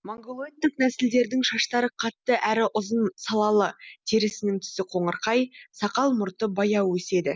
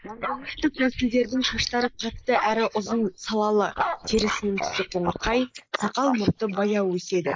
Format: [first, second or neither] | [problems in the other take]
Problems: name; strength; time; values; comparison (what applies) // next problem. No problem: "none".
first | noise reduction (neural mask model Resemble Enhance denoiser)